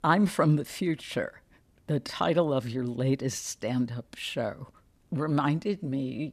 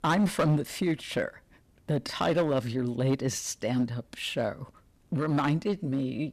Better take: first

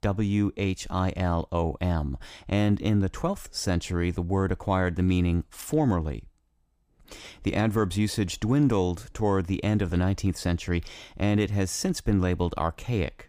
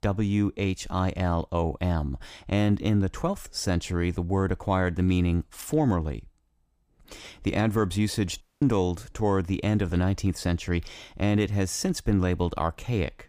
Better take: first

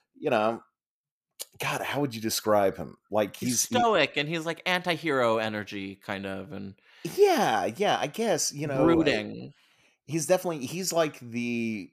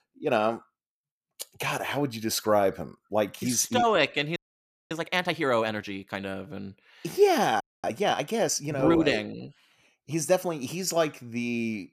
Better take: first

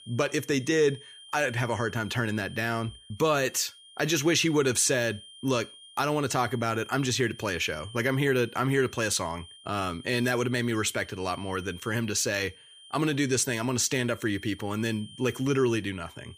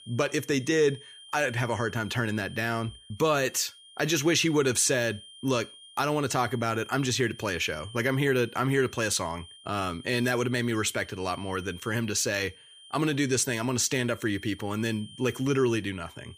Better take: neither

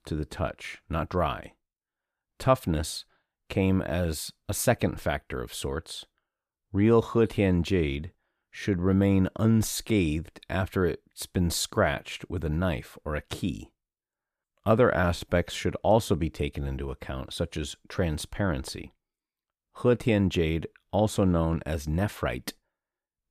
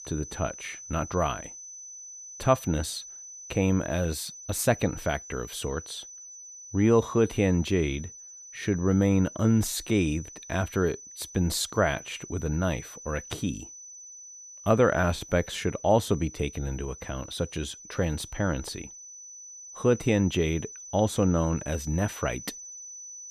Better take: first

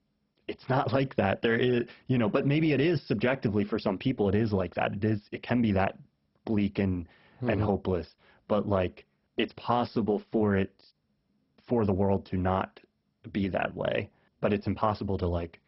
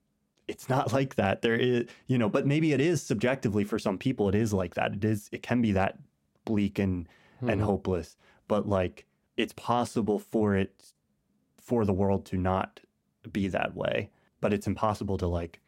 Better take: second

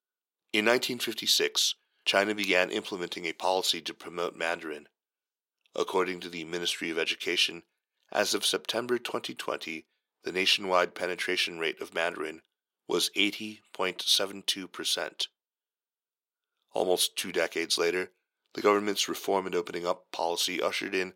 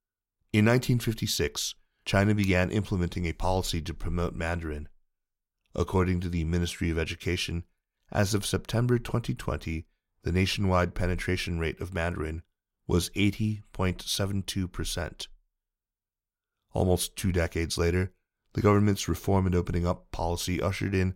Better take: second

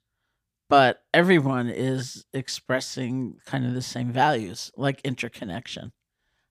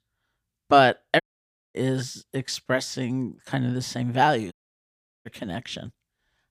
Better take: first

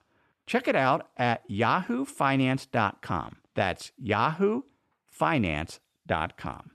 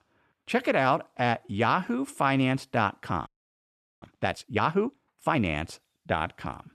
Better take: first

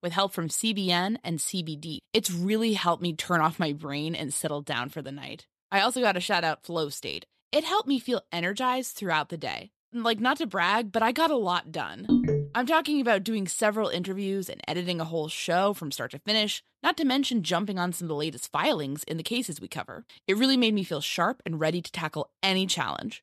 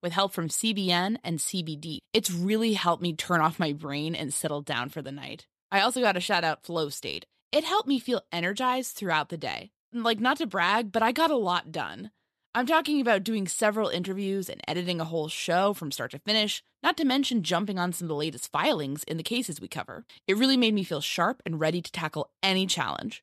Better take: second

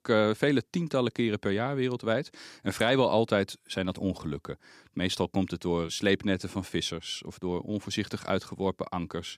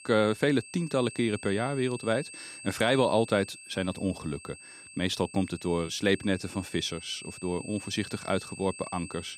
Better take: first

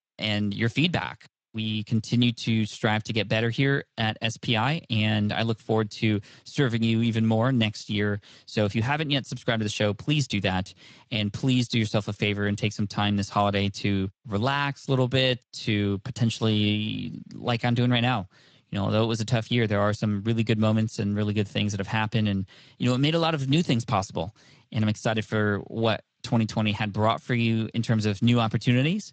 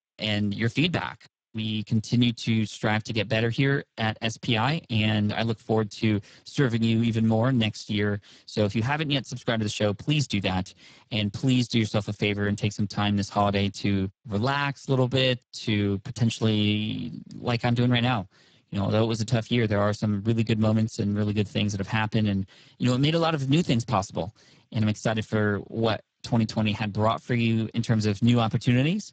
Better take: first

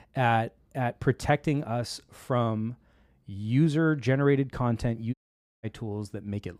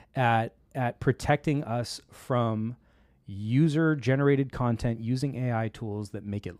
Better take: second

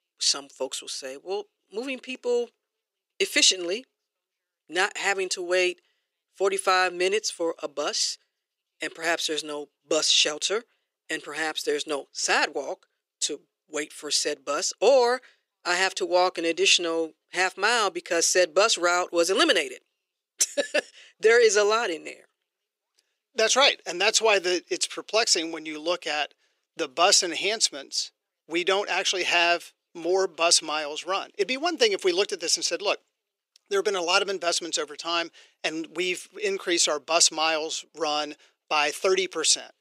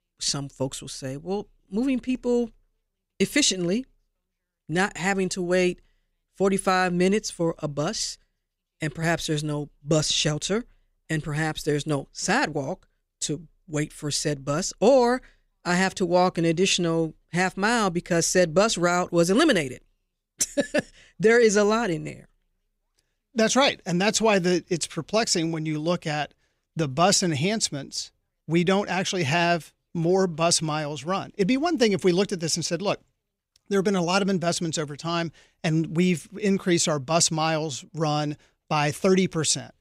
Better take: second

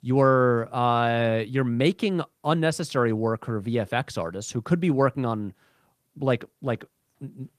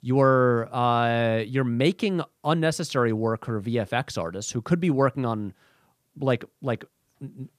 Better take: second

